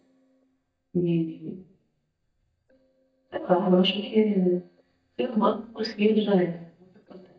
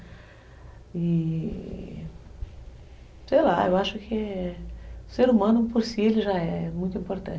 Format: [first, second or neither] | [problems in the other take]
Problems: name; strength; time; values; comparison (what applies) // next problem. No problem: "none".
second | noise reduction (neural mask model DeepFilterNet 3)